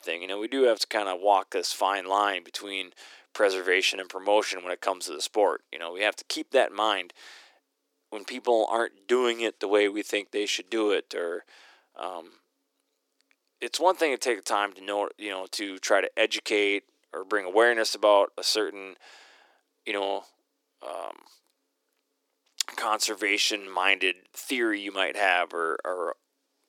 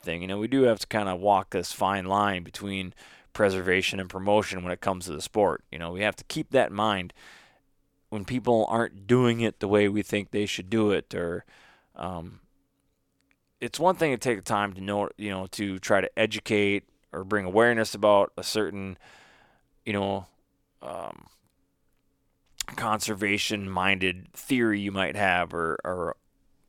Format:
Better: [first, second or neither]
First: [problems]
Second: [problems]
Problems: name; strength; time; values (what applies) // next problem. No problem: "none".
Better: second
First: thin; somewhat; fading below 300 Hz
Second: none